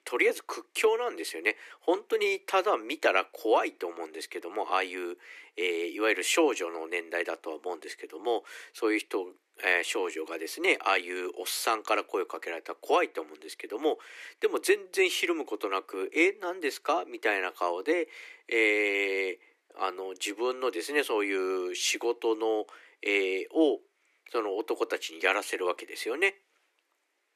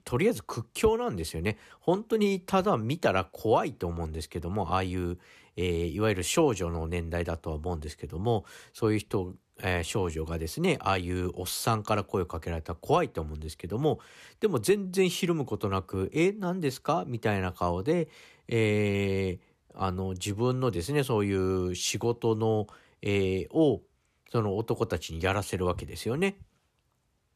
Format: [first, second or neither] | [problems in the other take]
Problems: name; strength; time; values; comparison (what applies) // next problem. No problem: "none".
second | thin; very; fading below 300 Hz